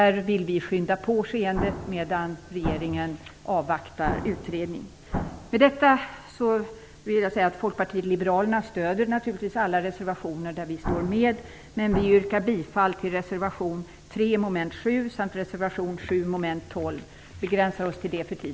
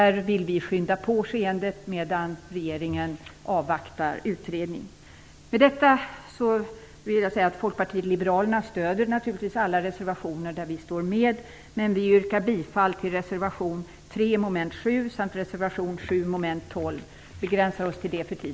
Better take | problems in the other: second | background sound (Explosion); 8 dB below the speech

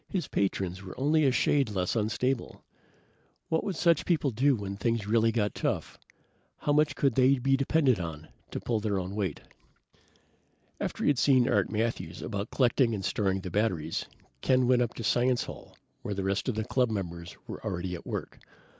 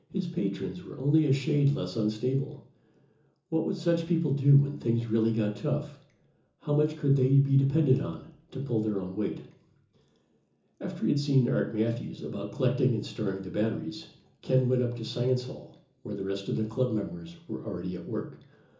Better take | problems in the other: first | room echo; dies away in 0.7 s

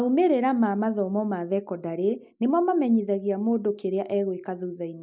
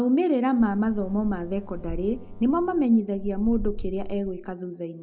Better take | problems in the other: first | background sound (Boat, Water vehicle); 9 dB below the speech // room echo; dies away in 0.7 s

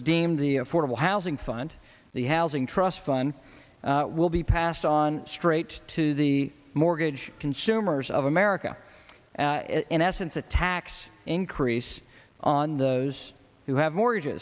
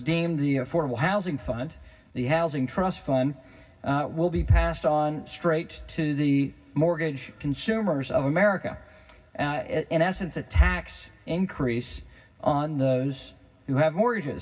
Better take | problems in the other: first | room echo; dies away in 0.4 s

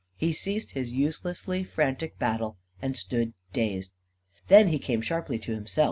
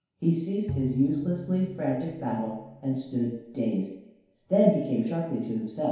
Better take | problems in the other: first | background sound (Bowed string instrument); 10 dB below the speech // room echo; dies away in 0.8 s

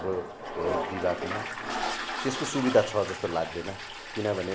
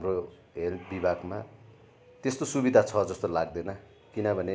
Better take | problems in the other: second | background sound (Toilet flush); 4 dB below the speech

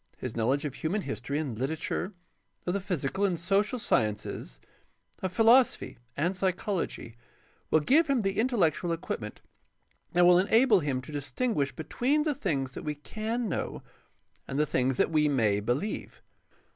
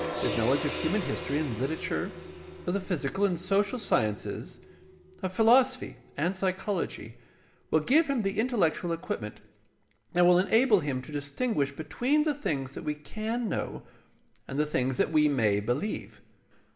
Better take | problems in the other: first | background sound (Gong); 14 dB below the speech // room echo; dies away in 0.7 s

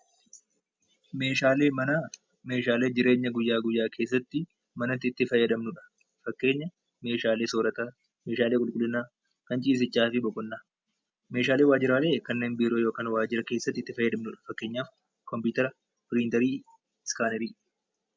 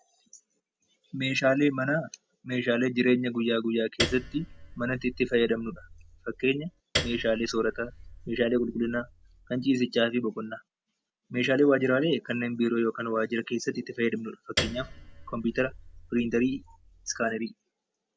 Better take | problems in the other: first | background sound (Piano); 10 dB below the speech

